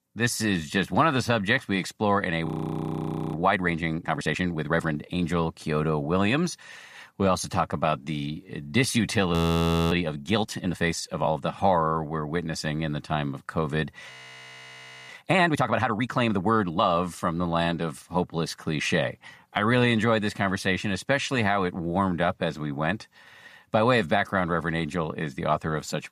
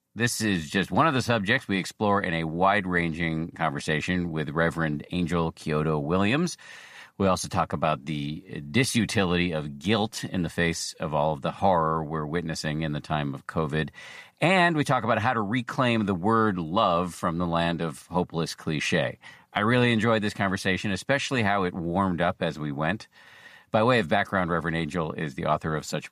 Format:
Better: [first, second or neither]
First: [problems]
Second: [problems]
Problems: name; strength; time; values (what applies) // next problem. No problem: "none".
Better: second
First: audio freezing; at 2.5 s for 1 s, at 9.5 s for 0.5 s and at 14 s for 1 s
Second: none